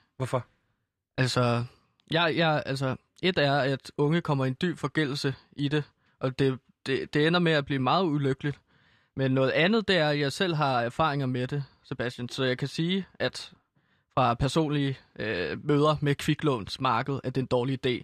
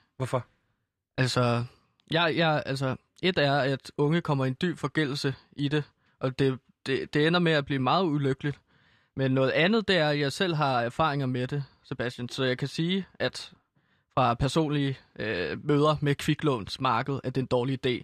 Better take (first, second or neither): neither